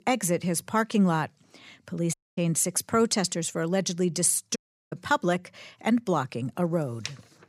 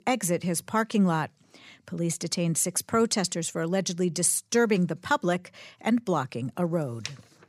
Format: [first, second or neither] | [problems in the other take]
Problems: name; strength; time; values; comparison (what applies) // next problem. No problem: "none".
second | audio cutting out; at 2 s and at 4.5 s